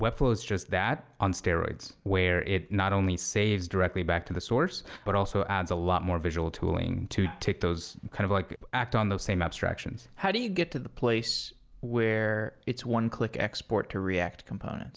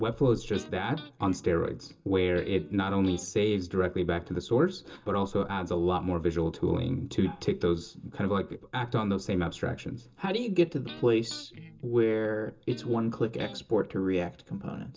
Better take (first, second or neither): first